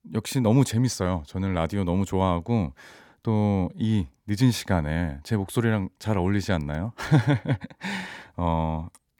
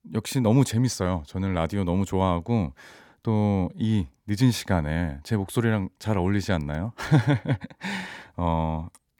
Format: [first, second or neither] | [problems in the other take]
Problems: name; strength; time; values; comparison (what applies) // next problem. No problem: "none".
neither | none